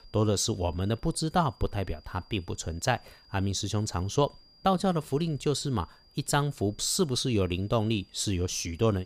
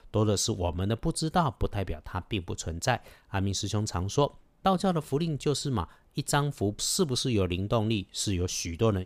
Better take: second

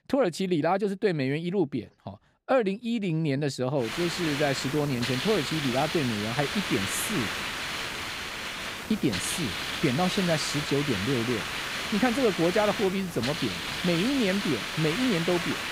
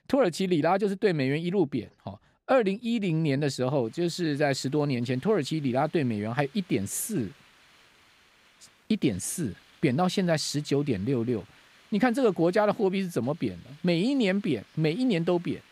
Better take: second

